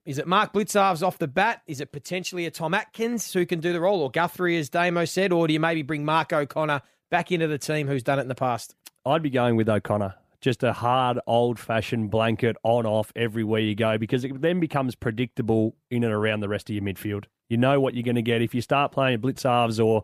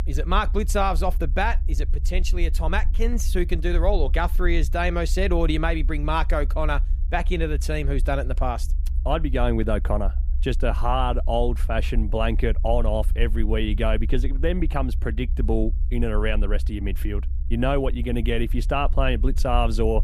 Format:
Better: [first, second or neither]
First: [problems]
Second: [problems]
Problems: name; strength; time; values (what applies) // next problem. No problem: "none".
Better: first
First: none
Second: low rumble; faint; throughout; 20 dB below the speech